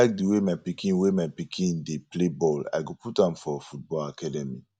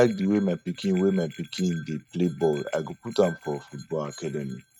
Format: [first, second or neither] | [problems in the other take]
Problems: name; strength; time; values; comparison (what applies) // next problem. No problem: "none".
first | noise reduction (neural mask model RNNoise)